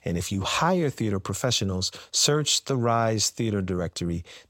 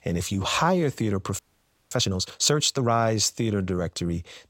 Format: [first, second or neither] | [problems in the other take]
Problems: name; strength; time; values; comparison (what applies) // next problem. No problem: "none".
first | audio freezing; at 1.5 s for 0.5 s